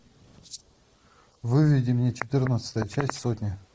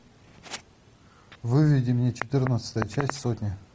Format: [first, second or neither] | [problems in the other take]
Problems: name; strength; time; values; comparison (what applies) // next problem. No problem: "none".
second | noise reduction (neural mask model Resemble Enhance denoiser)